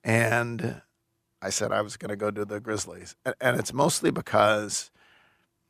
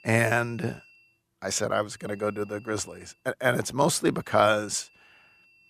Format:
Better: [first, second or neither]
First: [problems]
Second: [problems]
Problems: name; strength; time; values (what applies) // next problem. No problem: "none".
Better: first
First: none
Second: high-pitched whine; faint; until 1 s, from 2 to 3 s and from 4 s on; 2.5 kHz, 30 dB below the speech